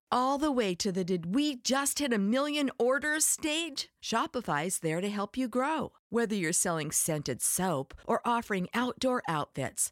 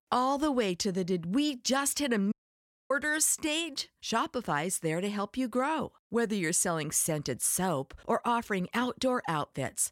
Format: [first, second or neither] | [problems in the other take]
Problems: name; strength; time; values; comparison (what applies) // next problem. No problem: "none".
first | audio cutting out; at 2.5 s for 0.5 s